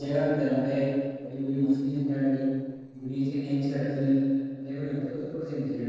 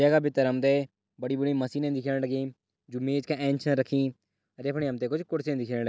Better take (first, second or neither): second